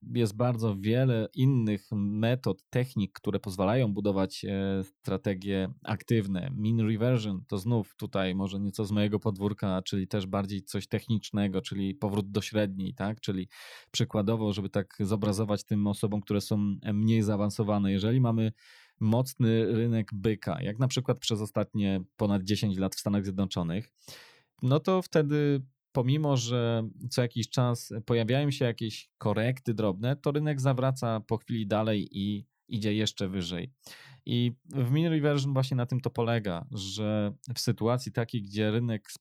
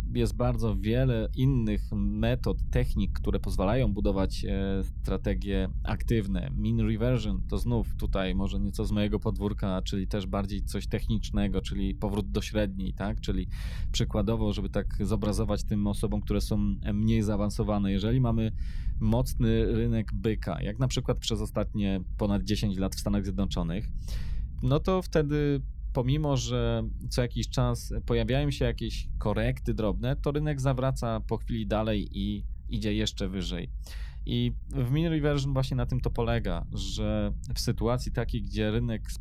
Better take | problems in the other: first | low rumble; faint; throughout; 20 dB below the speech

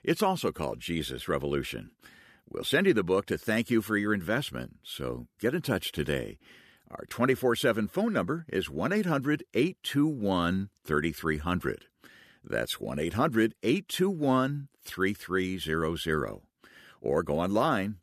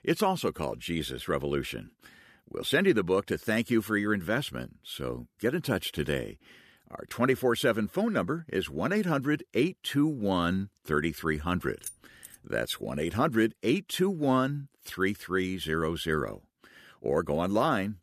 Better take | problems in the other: first | jangling keys; faint; at 12 s; peak 10 dB below the speech

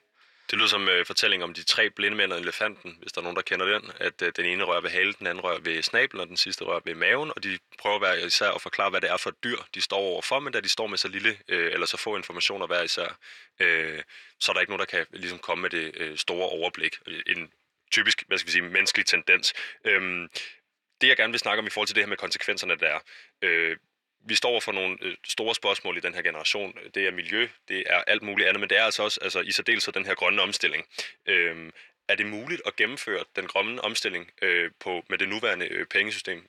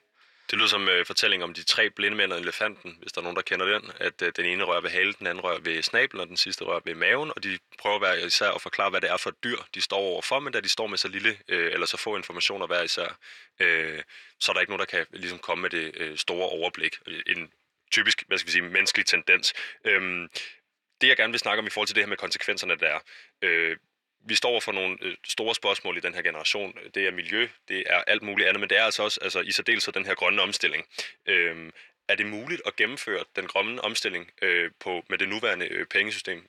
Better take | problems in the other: neither | thin; very; fading below 400 Hz; the same in both

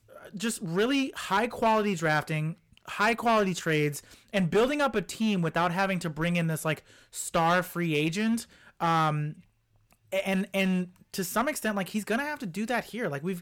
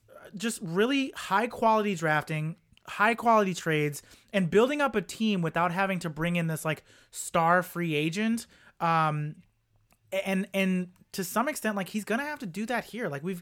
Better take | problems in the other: second | distortion; slight; 5% of the sound clipped

